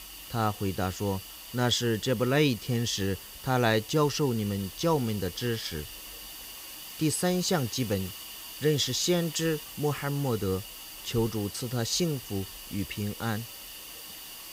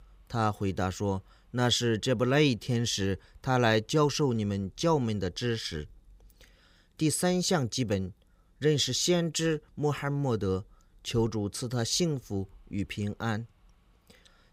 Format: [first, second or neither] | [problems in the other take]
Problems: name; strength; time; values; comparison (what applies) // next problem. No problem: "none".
second | hiss; noticeable; throughout; 10 dB below the speech